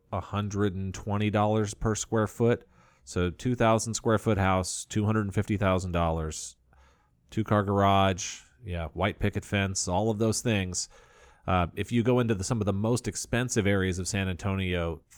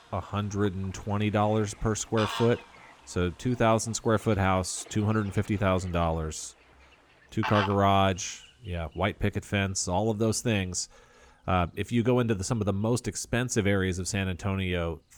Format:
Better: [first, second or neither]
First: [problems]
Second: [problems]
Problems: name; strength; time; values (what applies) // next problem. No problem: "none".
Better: first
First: none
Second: animal sounds; noticeable; throughout; 15 dB below the speech